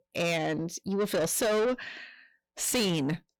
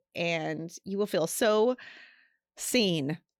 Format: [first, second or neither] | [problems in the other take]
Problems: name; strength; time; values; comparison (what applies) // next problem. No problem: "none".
second | distortion; heavy; 7 dB below the speech